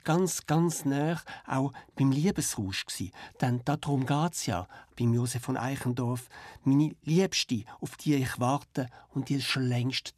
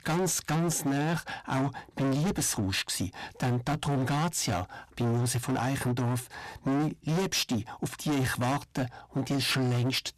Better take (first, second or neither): first